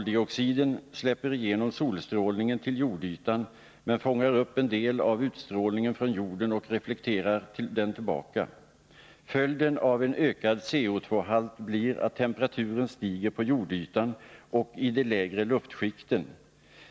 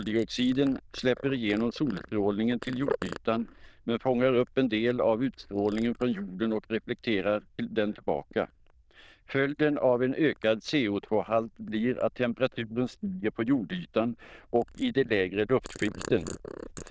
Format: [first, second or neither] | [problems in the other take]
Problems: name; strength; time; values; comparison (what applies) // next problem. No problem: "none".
first | noise reduction (neural diffusion model UNIVERSE++)